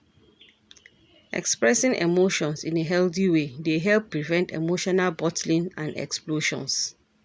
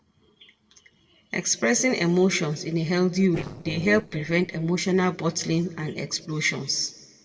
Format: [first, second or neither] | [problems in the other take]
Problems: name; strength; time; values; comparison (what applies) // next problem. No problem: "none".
first | noise reduction (neural separator model SepFormer DNS4)